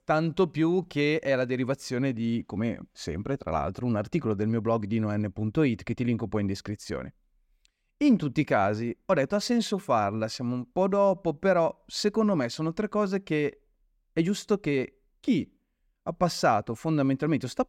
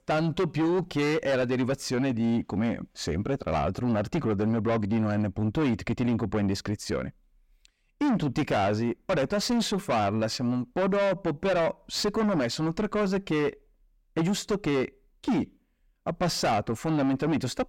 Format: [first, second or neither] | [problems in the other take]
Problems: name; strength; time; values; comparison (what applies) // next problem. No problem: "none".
first | distortion; heavy; 6 dB below the speech